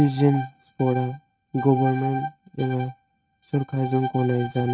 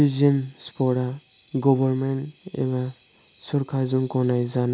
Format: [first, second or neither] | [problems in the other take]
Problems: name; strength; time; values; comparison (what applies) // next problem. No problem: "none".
second | noise reduction (neural mask model RNNoise)